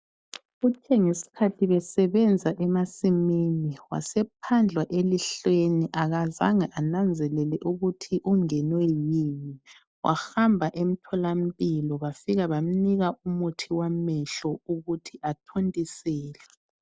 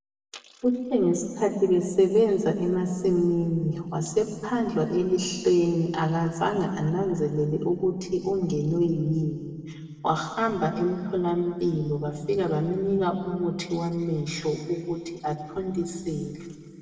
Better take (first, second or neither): first